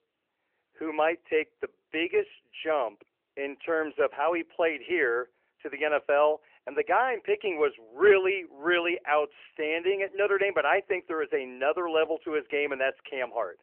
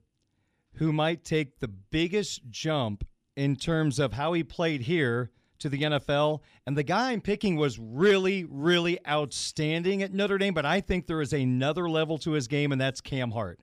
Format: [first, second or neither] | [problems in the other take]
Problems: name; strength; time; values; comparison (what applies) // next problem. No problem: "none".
second | phone-call audio; nothing above 3 kHz